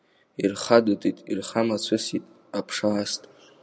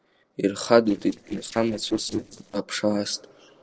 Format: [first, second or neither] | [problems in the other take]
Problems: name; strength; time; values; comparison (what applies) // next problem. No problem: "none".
first | noise reduction (neural separator model SepFormer DNS4)